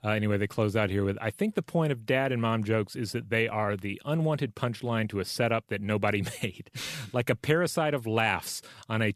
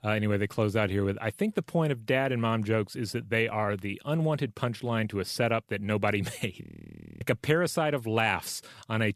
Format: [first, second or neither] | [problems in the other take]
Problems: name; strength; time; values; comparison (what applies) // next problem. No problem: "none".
first | audio freezing; at 6.5 s for 0.5 s